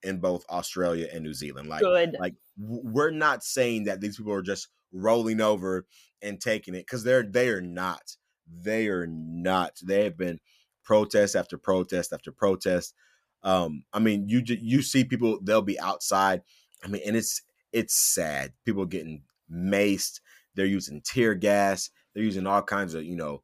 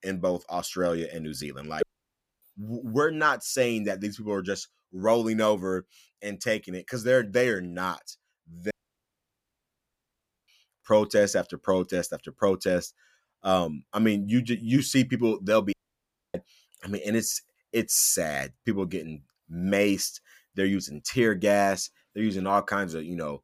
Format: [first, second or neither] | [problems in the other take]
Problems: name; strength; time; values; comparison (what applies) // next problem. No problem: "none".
first | audio cutting out; at 2 s for 0.5 s, at 8.5 s for 2 s and at 16 s for 0.5 s